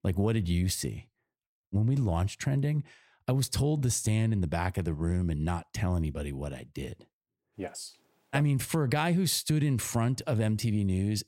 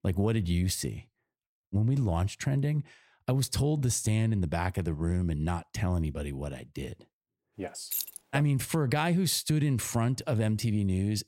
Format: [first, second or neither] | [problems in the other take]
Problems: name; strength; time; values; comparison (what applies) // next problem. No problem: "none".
first | jangling keys; noticeable; at 8 s; peak 3 dB below the speech